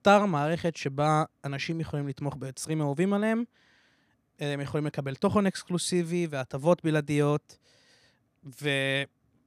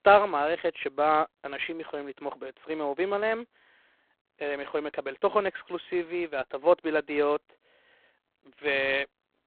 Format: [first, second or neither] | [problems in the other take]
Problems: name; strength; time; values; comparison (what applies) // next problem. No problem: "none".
first | phone-call audio; poor line; nothing above 4 kHz